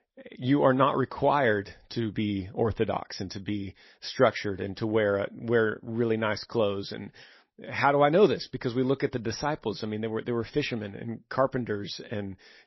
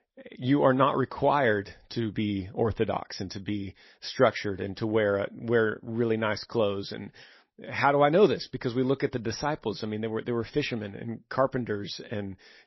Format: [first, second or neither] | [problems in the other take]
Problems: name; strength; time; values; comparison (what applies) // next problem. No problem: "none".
neither | garbled, watery; slightly; nothing above 5.5 kHz; the same in both